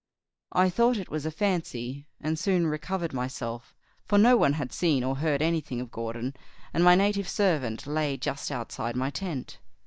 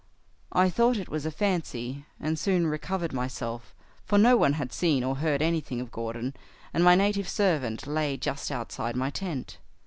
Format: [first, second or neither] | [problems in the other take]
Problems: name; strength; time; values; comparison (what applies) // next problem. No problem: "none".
second | noise reduction (neural mask model DeepFilterNet 3)